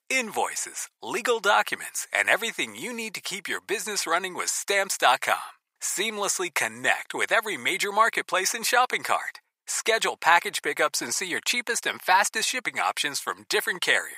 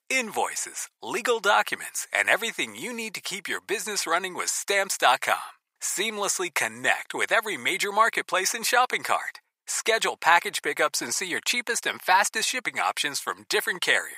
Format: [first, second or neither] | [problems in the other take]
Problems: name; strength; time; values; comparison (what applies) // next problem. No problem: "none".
neither | thin; very; fading below 850 Hz; the same in both